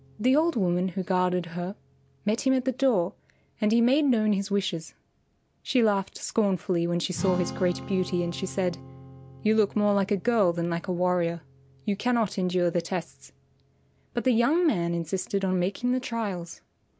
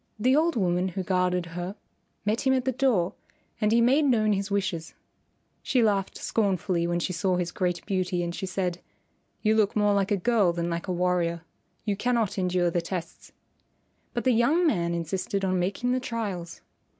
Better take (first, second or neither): second